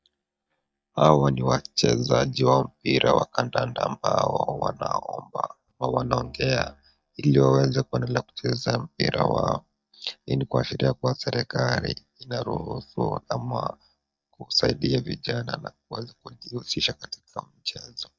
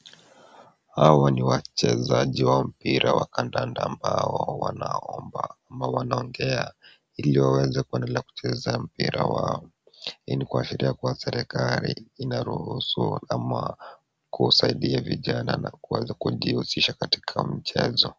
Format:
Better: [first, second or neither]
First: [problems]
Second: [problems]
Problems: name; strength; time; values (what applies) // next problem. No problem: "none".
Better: second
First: noise reduction (neural mask model DeepFilterNet 3)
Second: none